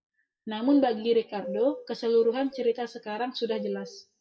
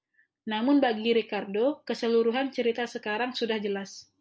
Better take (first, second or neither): second